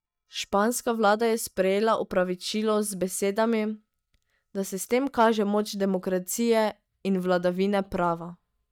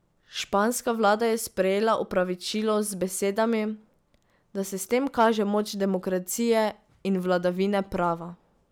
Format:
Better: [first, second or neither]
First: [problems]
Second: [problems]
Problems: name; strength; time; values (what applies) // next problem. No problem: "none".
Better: second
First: noise reduction (neural mask model DeepFilterNet 3)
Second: none